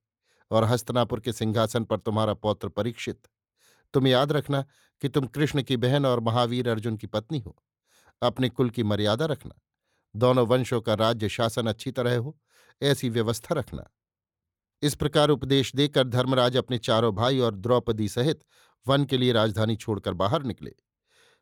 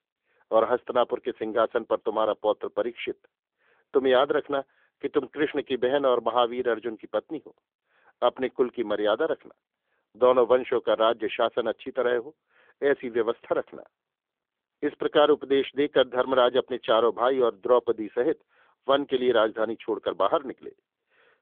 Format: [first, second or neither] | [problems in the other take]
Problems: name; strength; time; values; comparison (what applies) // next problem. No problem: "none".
first | phone-call audio; nothing above 3.5 kHz